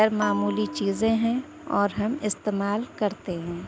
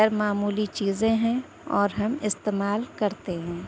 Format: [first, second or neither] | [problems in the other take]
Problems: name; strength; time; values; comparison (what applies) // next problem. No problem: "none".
second | background sound (Bell); 12 dB below the speech